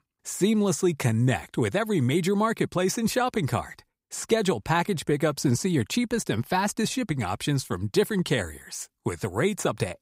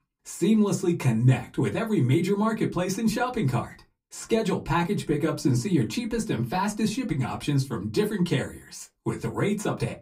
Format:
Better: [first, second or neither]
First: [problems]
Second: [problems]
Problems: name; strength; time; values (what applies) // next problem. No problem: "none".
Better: first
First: none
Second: off-mic speech; far // room echo; very slight; dies away in 0.2 s